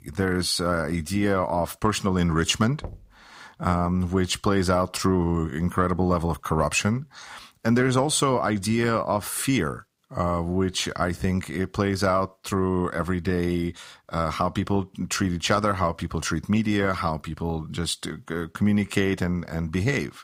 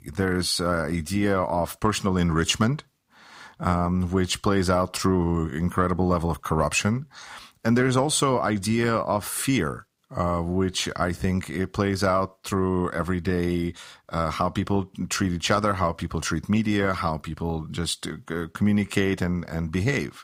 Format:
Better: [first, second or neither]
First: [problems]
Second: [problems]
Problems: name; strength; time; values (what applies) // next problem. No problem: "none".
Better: second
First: door banging; faint; at 3 s; peak 15 dB below the speech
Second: none